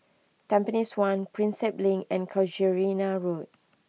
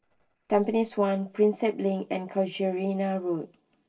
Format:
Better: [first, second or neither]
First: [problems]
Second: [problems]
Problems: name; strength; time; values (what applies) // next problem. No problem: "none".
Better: first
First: none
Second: noise reduction (neural separator model SepFormer DNS4)